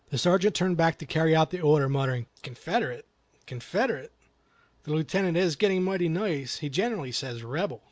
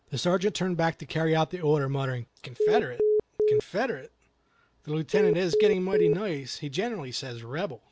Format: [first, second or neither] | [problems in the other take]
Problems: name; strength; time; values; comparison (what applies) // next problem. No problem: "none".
first | background sound (Telephone); 3 dB above the speech